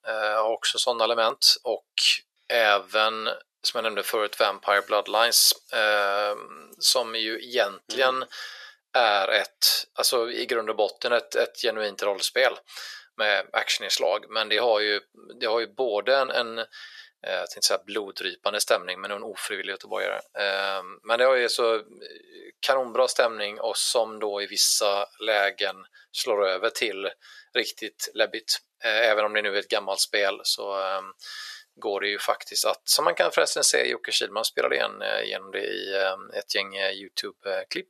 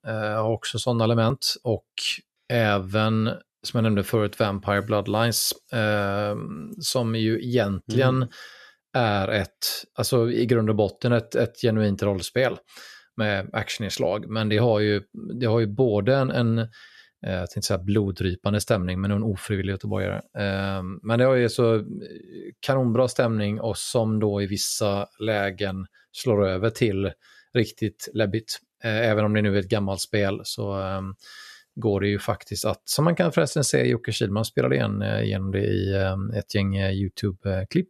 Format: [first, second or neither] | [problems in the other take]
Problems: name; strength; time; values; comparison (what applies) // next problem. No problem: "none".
second | thin; very; fading below 550 Hz